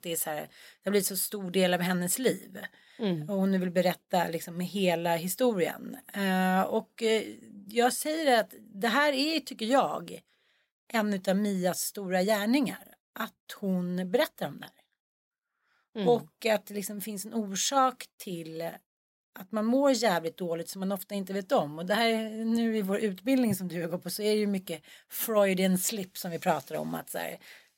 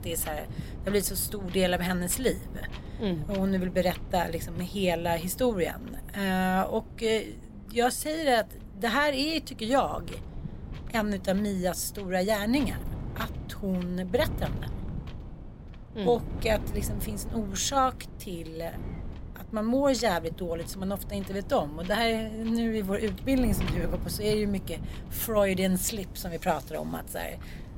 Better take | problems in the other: first | wind noise on the microphone; occasional gusts; 20 dB below the speech

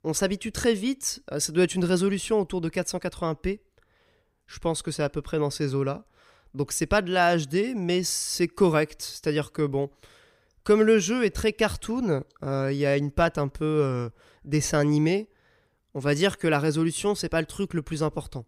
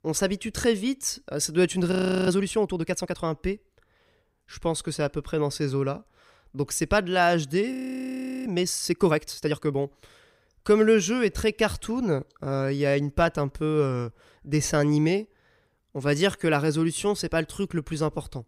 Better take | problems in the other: first | audio freezing; at 2 s and at 7.5 s for 0.5 s

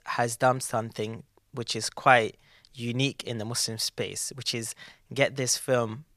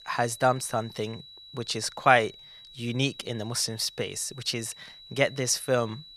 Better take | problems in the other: first | high-pitched whine; noticeable; throughout; 4 kHz, 20 dB below the speech

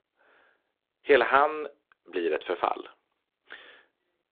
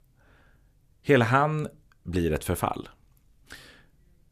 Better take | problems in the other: second | phone-call audio; nothing above 3.5 kHz

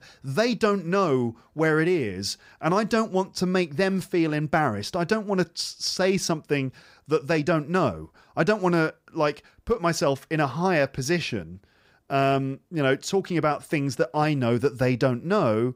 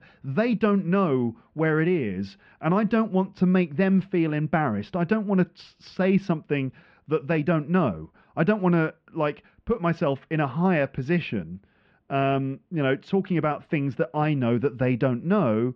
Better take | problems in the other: first | muffled; very; fading above 3 kHz

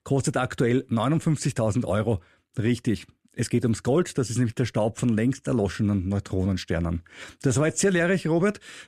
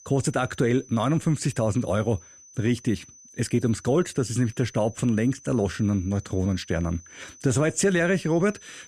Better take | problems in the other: first | high-pitched whine; faint; throughout; 6 kHz, 20 dB below the speech

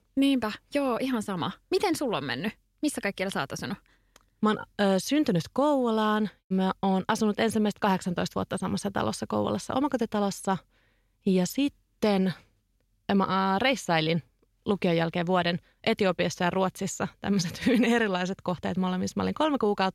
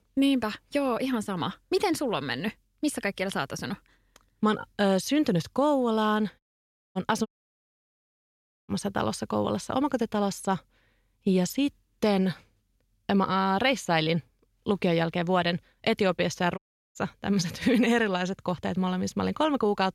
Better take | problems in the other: first | audio cutting out; at 6.5 s for 0.5 s, at 7.5 s for 1.5 s and at 17 s

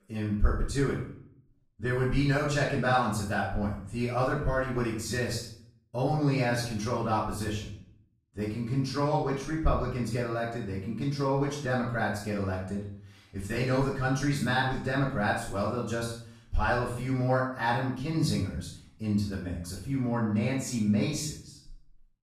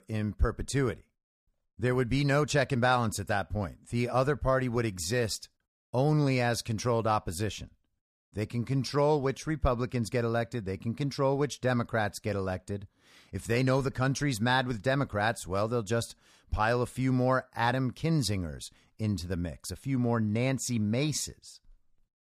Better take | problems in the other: second | off-mic speech; far // room echo; noticeable; dies away in 0.5 s

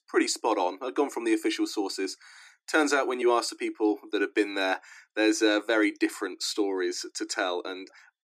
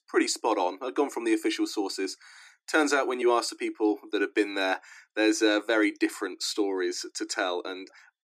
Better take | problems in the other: neither | thin; somewhat; fading below 300 Hz; the same in both

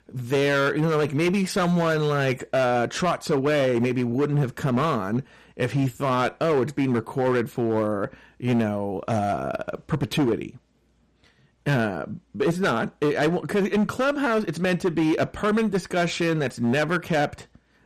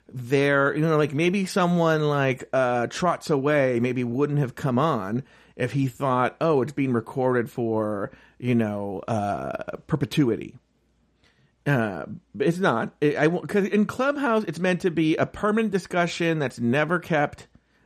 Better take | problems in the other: second | distortion; slight; 10% of the sound clipped

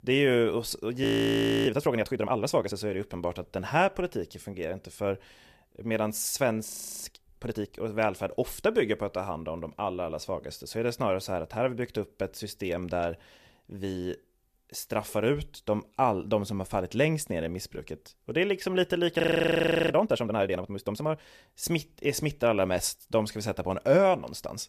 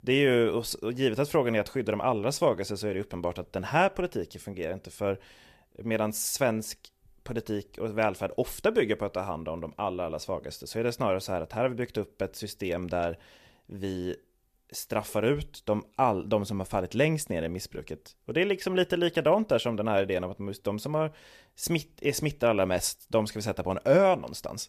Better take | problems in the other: second | audio freezing; at 1 s for 0.5 s, at 6.5 s and at 19 s for 0.5 s

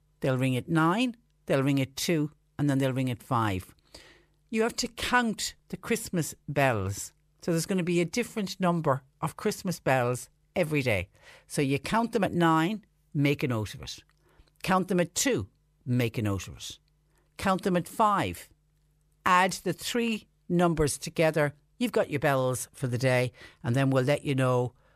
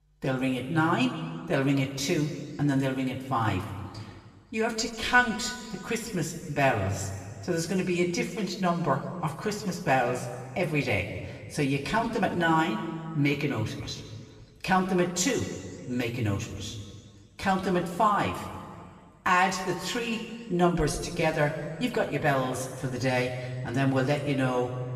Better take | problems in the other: first | room echo; slight; dies away in 1.9 s // off-mic speech; somewhat distant

